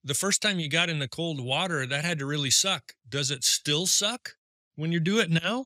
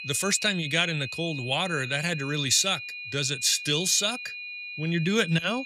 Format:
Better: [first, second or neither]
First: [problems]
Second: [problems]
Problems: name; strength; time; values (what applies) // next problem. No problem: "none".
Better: first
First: none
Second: high-pitched whine; loud; throughout; 2.5 kHz, 10 dB below the speech